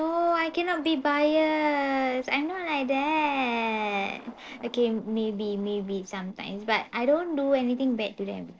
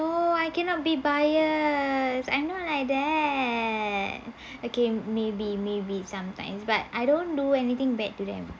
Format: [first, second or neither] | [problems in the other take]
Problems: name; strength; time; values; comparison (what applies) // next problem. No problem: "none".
second | noise reduction (neural separator model SepFormer DNS4)